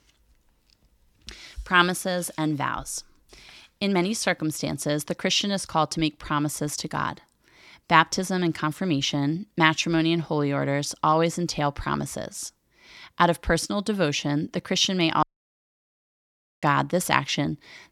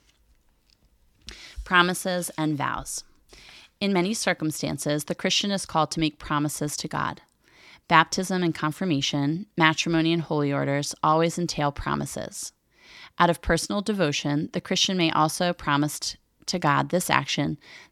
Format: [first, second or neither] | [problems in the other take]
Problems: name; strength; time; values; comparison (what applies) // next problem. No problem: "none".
second | audio cutting out; at 15 s for 1.5 s